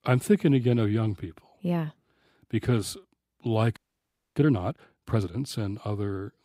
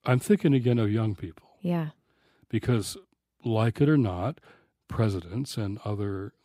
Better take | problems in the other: second | audio freezing; at 4 s for 0.5 s

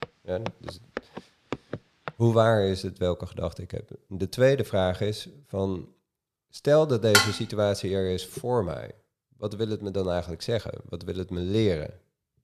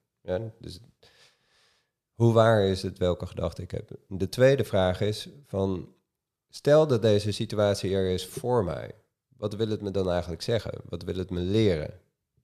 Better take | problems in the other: second | footsteps; faint; until 2 s; peak 10 dB below the speech // clattering dishes; loud; at 7 s; peak 5 dB above the speech

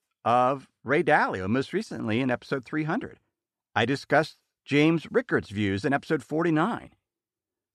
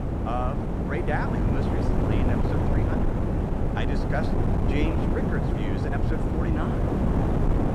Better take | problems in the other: first | wind noise on the microphone; heavy; 2 dB above the speech

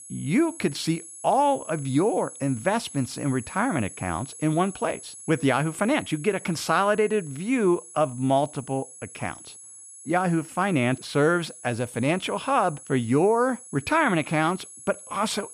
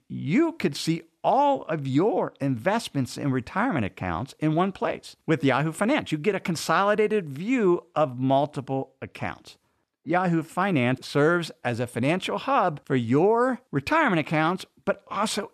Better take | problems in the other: second | high-pitched whine; noticeable; throughout; 10.5 kHz, 15 dB below the speech

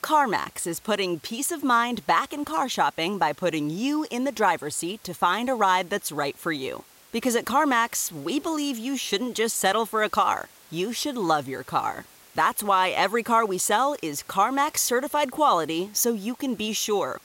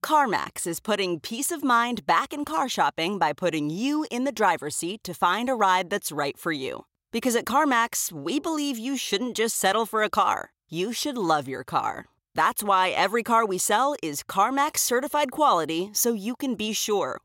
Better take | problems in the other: second | hiss; faint; throughout; 25 dB below the speech

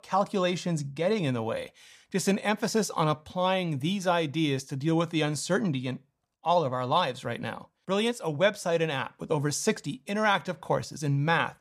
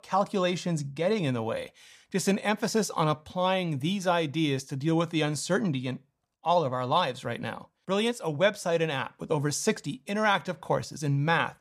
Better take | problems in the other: neither | none

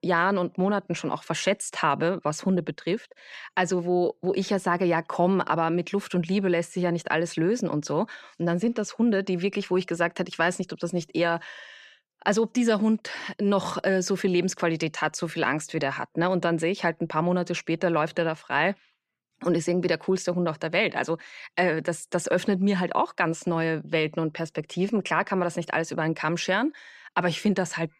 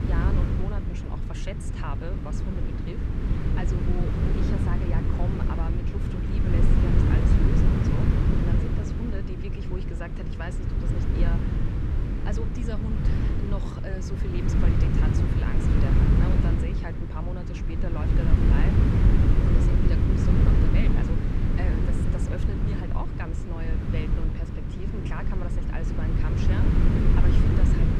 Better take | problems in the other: first | wind noise on the microphone; heavy; 4 dB above the speech

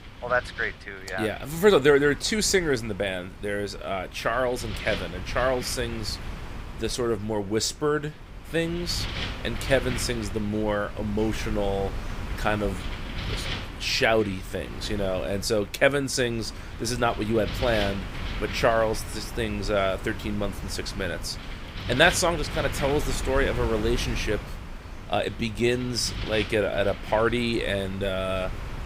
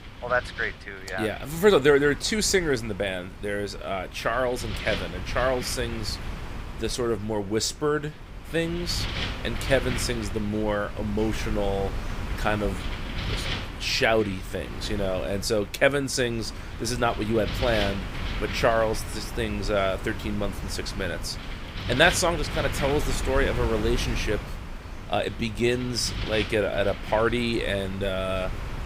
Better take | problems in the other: first | wind noise on the microphone; heavy; 10 dB below the speech; occasional gusts in the first

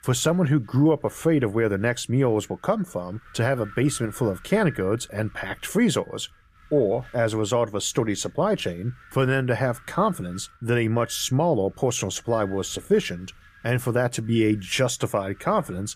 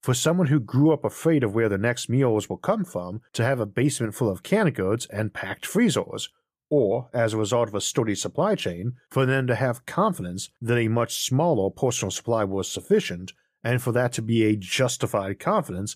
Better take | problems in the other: second | wind noise on the microphone; occasional gusts; 20 dB below the speech

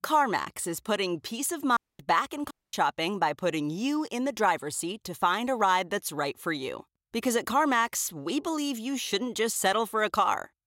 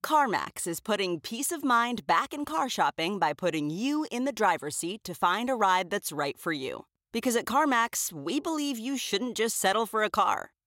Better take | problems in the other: second | audio cutting out; at 2 s and at 2.5 s

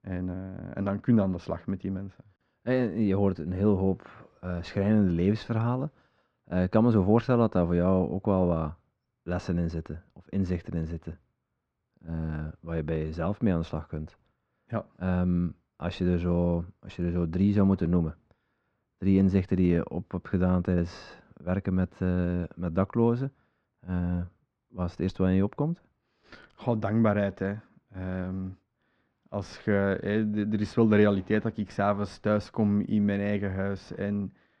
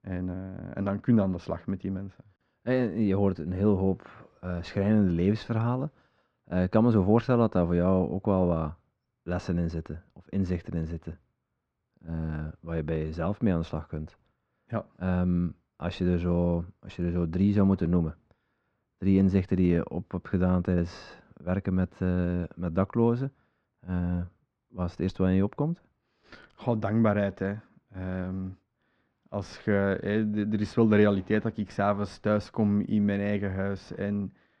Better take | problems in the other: neither | muffled; very; fading above 1.5 kHz; the same in both

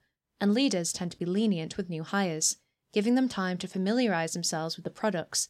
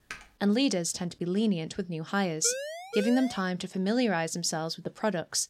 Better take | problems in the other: first | keyboard typing; faint; at the start; peak 15 dB below the speech // siren; noticeable; at 2.5 s; peak 7 dB below the speech

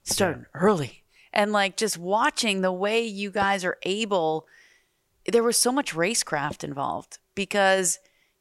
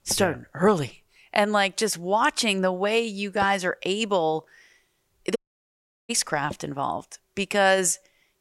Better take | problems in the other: first | audio cutting out; at 5.5 s for 0.5 s

